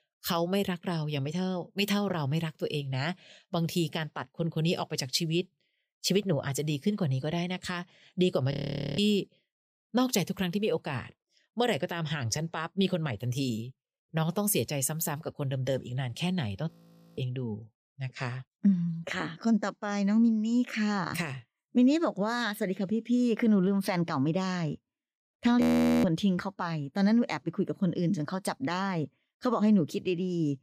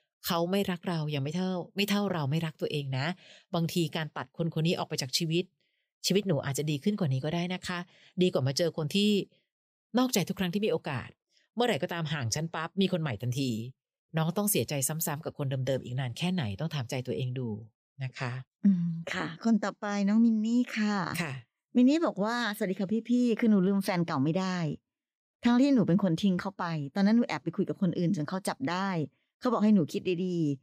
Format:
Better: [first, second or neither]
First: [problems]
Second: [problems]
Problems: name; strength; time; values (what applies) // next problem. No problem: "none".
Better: second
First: audio freezing; at 8.5 s, at 17 s and at 26 s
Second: none